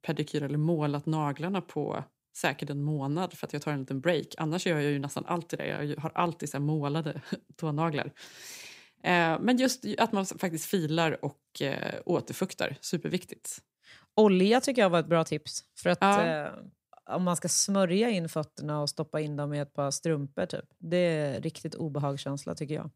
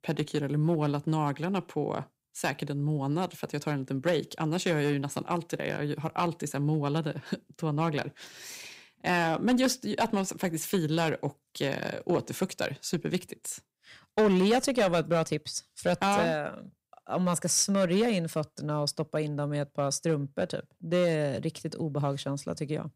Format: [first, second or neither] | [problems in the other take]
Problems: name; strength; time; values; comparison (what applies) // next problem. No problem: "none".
first | distortion; slight; 3% of the sound clipped